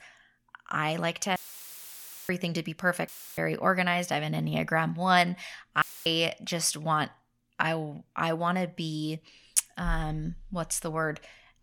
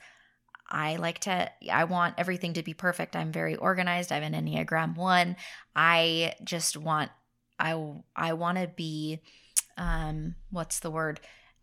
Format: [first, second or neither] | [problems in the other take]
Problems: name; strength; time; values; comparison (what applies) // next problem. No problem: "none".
second | audio cutting out; filled with static; at 1.5 s for 1 s, at 3 s and at 6 s